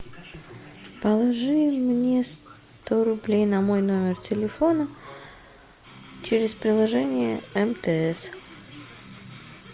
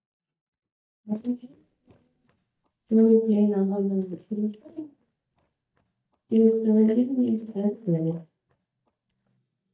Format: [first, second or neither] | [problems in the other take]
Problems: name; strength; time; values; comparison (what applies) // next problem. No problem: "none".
first | noise reduction (neural mask model DeepFilterNet 3)